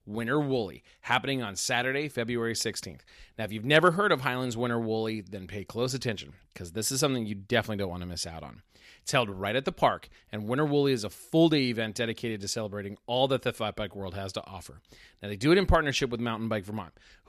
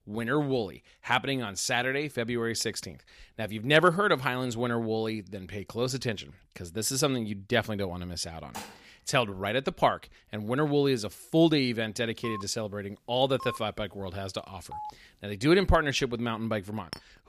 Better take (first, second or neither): first